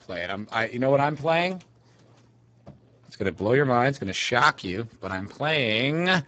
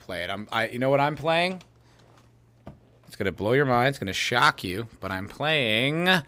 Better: second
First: garbled, watery; badly; nothing above 7.5 kHz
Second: none

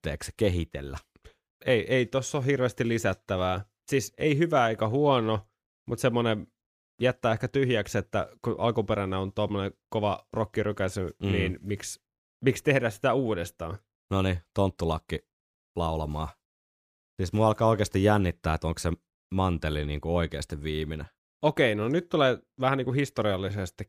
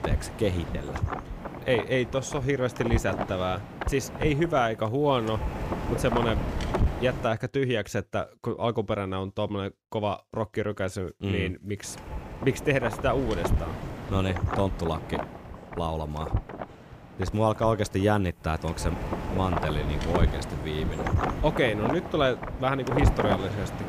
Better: first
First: none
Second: wind noise on the microphone; heavy; until 7.5 s and from 12 s on; 5 dB below the speech

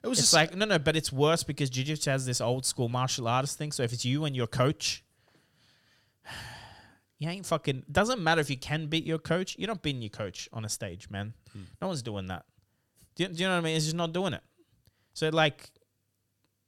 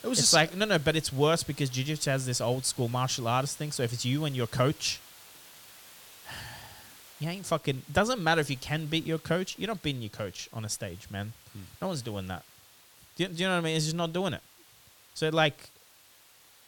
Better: first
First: none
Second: hiss; faint; throughout; 20 dB below the speech

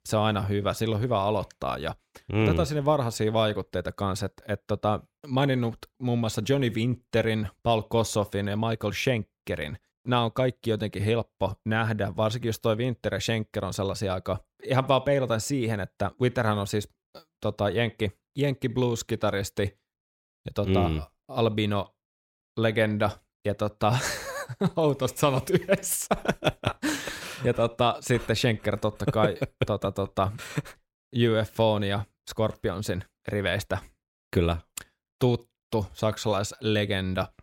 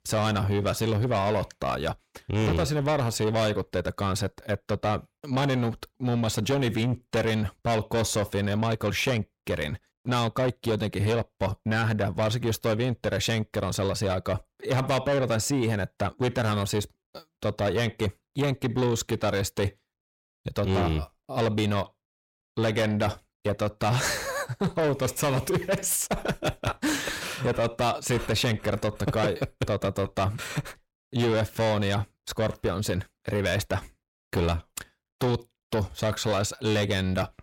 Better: first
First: none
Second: distortion; heavy; 8 dB below the speech

